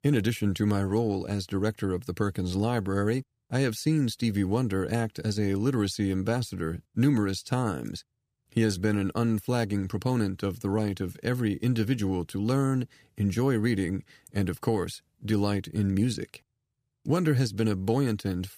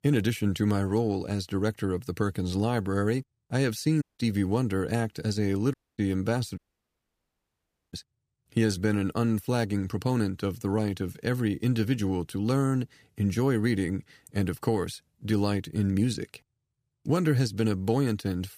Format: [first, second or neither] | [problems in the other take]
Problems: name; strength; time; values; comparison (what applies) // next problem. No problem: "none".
first | audio cutting out; at 4 s, at 5.5 s and at 6.5 s for 1.5 s